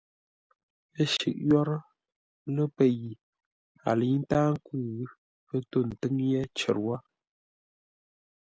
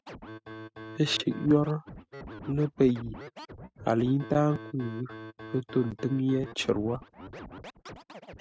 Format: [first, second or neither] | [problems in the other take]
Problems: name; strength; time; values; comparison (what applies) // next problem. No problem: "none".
first | noise reduction (neural mask model RNNoise)